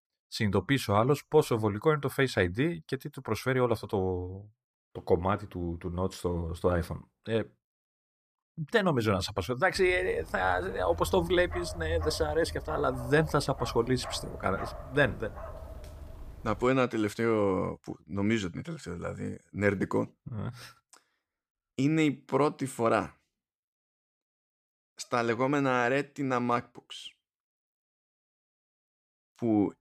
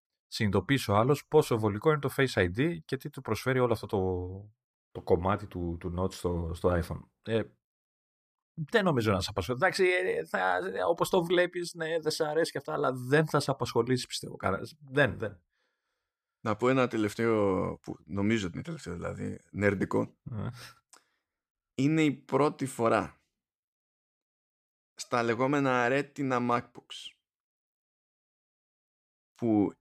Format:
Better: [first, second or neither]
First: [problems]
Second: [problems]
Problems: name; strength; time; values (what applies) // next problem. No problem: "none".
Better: second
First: dog barking; noticeable; from 10 to 17 s; peak 7 dB below the speech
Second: none